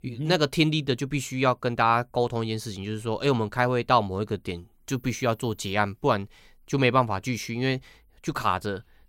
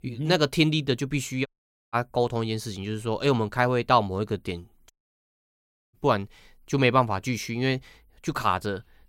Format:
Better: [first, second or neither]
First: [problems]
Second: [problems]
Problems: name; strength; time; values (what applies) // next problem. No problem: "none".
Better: first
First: none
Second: audio cutting out; at 1.5 s and at 5 s for 1 s